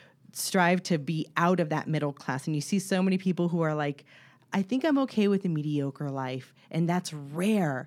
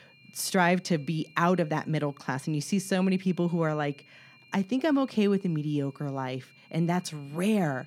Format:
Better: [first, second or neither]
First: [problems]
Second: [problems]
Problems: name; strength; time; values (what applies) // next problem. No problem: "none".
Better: first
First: none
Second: high-pitched whine; faint; throughout; 2.5 kHz, 30 dB below the speech